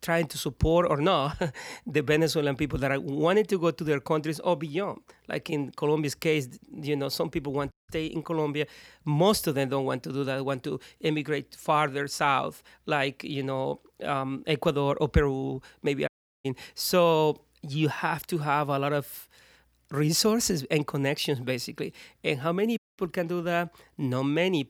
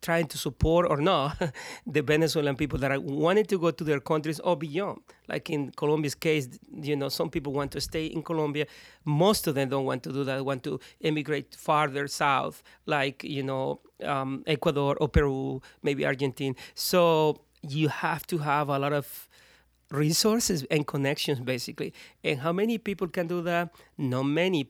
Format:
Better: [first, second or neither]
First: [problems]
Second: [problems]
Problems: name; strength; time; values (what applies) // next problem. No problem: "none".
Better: second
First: audio cutting out; at 7.5 s, at 16 s and at 23 s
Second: none